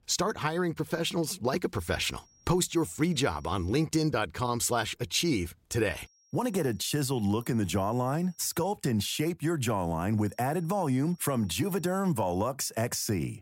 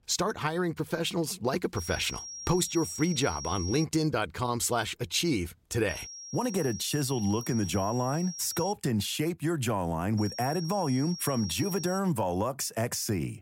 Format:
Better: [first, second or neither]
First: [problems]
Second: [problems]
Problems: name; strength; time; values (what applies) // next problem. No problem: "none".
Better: first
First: high-pitched whine; faint; from 2 to 4 s, from 6 to 8.5 s and from 10 to 12 s; 5.5 kHz, 30 dB below the speech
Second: high-pitched whine; loud; from 2 to 4 s, from 6 to 8.5 s and from 10 to 12 s; 5.5 kHz, 10 dB below the speech